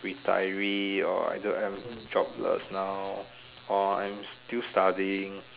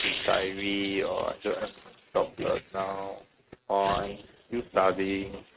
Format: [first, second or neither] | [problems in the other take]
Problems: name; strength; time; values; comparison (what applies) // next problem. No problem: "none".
first | noise reduction (neural mask model RNNoise)